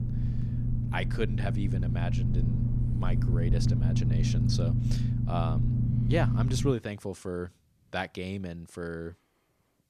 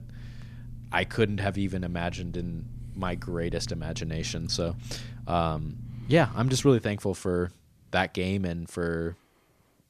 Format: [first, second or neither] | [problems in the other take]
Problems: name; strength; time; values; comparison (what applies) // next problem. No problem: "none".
second | low rumble; loud; until 6.5 s; 3 dB below the speech; faint in the second